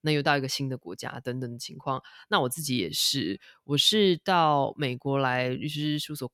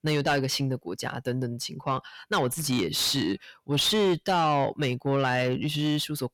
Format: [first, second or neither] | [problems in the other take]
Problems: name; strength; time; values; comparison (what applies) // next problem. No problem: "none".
first | distortion; heavy; 8 dB below the speech